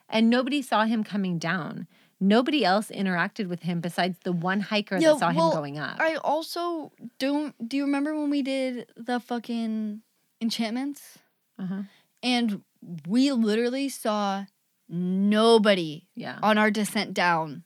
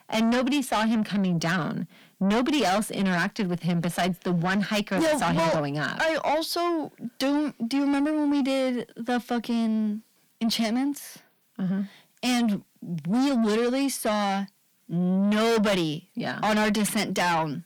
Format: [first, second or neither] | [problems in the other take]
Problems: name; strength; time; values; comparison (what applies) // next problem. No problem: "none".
first | distortion; heavy; 6 dB below the speech